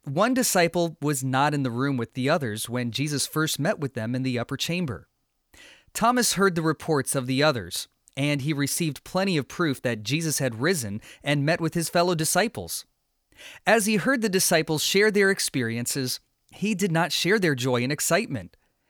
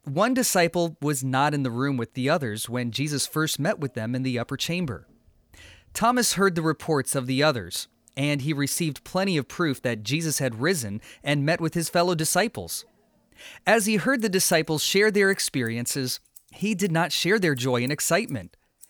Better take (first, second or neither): first